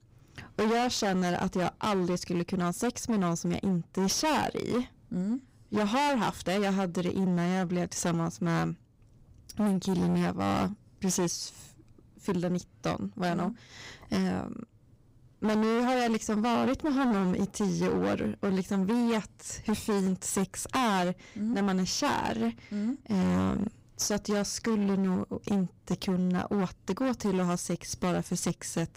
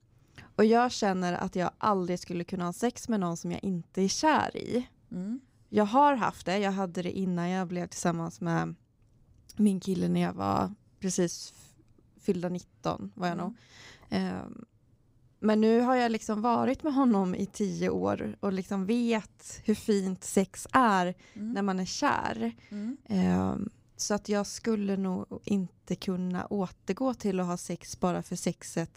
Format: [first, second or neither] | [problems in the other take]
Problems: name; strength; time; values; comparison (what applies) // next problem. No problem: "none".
second | distortion; heavy; 21% of the sound clipped